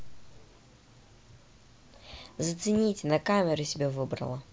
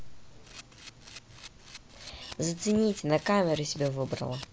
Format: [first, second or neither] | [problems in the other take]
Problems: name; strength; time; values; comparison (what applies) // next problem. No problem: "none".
first | background sound (Camera); 18 dB below the speech